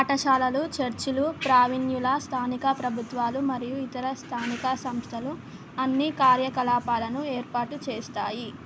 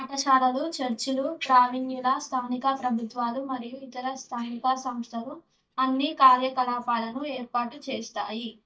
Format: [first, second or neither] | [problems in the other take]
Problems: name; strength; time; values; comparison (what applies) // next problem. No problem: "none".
first | noise reduction (neural mask model DeepFilterNet 3)